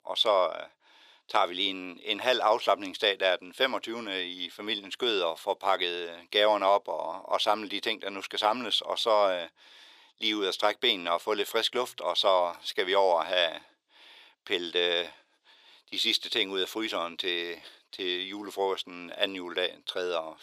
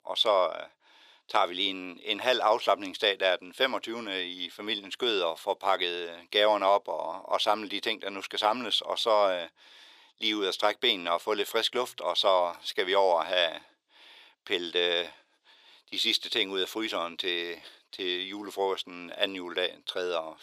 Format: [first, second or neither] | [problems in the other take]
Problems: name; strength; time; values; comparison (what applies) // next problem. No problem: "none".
neither | thin; very; fading below 450 Hz; the same in both